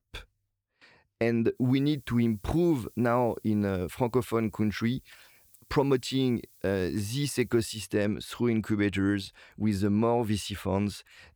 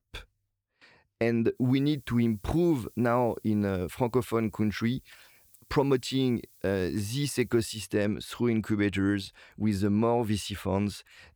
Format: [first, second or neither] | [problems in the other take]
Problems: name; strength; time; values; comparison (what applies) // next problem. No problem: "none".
neither | hiss; faint; from 1.5 to 8 s; 25 dB below the speech; the same in both